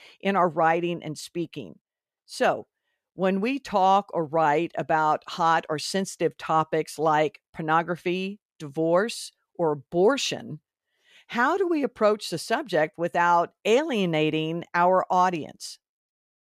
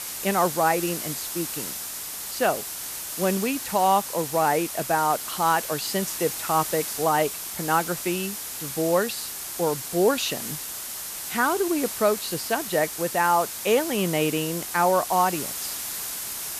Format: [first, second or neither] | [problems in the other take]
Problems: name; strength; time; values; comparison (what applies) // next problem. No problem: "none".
first | hiss; loud; throughout; 6 dB below the speech